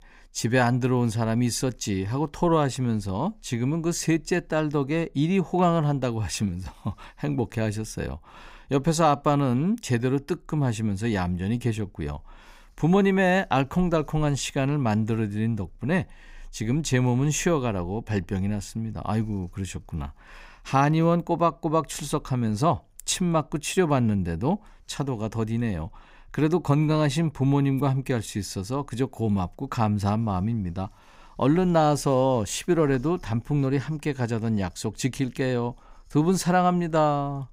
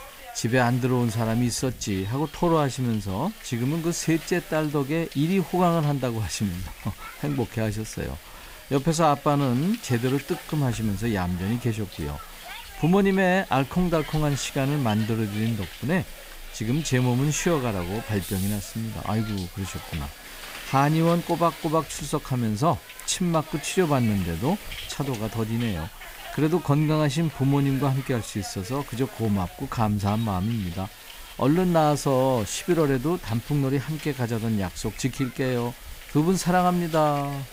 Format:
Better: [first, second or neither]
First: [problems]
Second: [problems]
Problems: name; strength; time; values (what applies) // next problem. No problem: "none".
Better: first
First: none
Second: hiss; noticeable; throughout; 15 dB below the speech